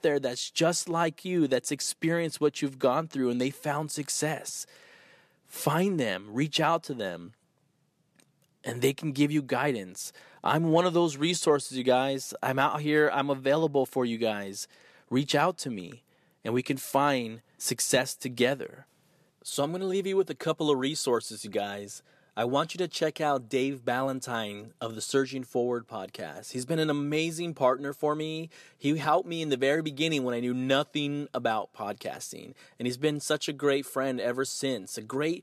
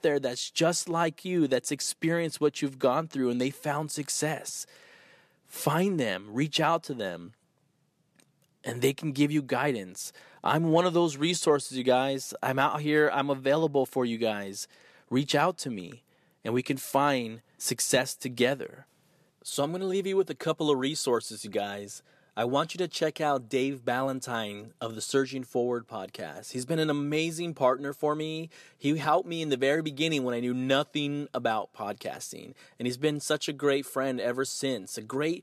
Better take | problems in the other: neither | none

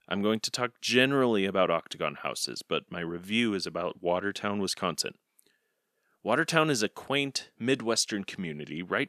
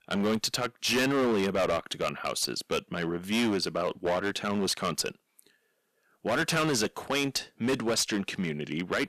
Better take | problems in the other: first | distortion; heavy; 12% of the sound clipped

